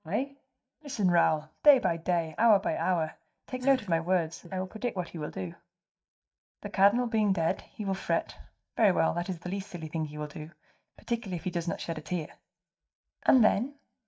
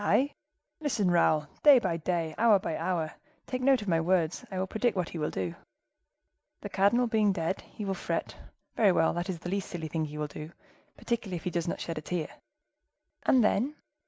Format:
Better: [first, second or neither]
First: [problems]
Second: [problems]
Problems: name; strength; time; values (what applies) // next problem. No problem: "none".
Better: second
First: noise reduction (neural mask model DeepFilterNet 3)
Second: none